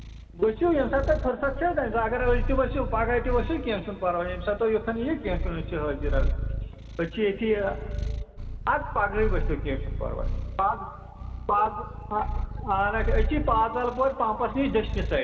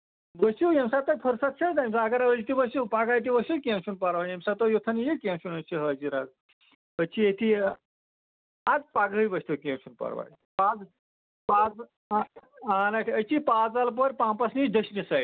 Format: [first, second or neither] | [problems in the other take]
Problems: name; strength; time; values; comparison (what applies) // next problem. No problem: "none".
second | background sound (Purr); 4 dB below the speech // room echo; dies away in 1.9 s